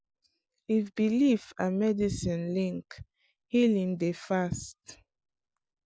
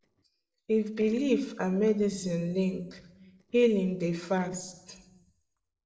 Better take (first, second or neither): first